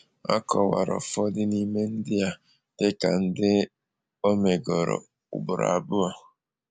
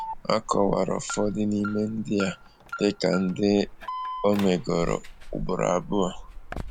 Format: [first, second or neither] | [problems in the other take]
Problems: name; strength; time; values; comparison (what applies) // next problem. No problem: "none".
first | background sound (Alarm); 11 dB below the speech